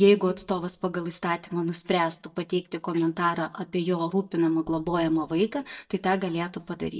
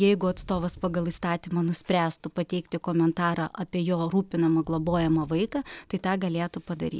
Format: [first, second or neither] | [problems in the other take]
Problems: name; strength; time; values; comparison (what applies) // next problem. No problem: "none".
second | noise reduction (neural mask model DeepFilterNet 3)